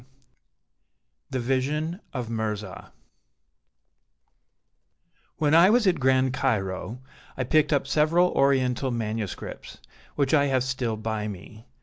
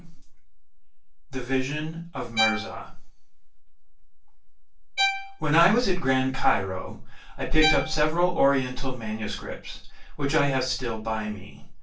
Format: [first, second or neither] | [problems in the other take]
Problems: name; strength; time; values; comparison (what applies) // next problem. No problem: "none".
first | background sound (Bowed string instrument); 6 dB below the speech // room echo; dies away in 0.2 s